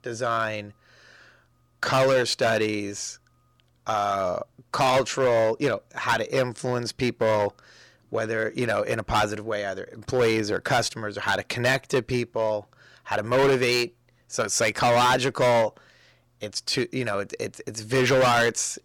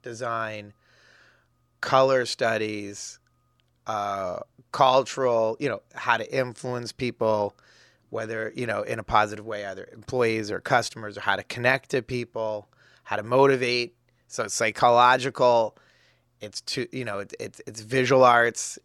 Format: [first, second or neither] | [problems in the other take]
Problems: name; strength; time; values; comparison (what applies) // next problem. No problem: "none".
second | distortion; heavy; 7% of the sound clipped